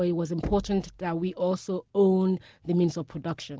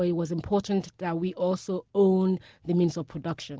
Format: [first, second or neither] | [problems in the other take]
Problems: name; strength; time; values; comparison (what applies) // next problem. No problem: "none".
second | background sound (Knock); 14 dB below the speech